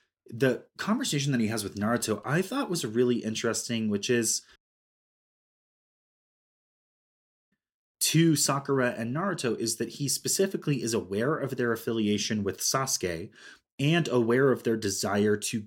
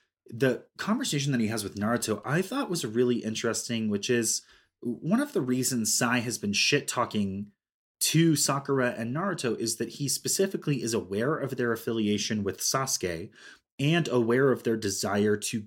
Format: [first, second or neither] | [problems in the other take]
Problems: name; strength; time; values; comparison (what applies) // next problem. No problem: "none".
second | audio cutting out; at 4.5 s for 3 s